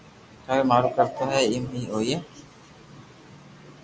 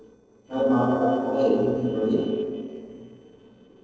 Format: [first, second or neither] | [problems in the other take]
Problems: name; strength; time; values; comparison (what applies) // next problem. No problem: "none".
first | noise reduction (neural separator model SepFormer DNS4)